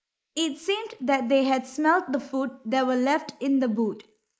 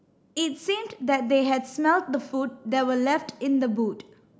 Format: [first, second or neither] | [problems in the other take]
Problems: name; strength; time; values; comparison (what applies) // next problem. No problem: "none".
second | noise reduction (neural mask model Resemble Enhance denoiser)